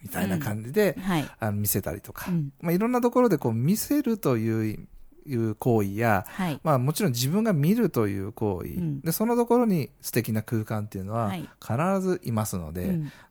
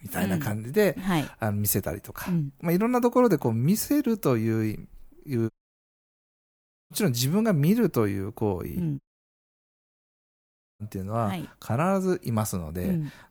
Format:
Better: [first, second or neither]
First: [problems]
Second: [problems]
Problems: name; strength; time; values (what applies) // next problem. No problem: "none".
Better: first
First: none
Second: audio cutting out; at 5.5 s for 1.5 s and at 9 s for 2 s